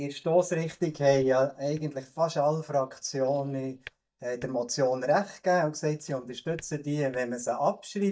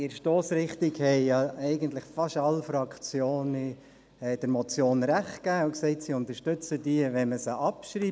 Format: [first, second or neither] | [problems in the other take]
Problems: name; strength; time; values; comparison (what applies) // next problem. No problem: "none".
second | noise reduction (neural mask model DeepFilterNet 3)